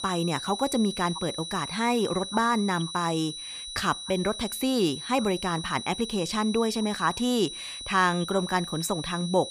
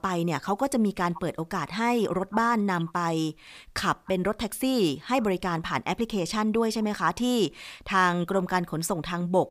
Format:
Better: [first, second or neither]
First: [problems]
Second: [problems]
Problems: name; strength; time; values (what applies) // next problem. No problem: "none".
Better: second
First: high-pitched whine; loud; throughout; 4 kHz, 8 dB below the speech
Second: none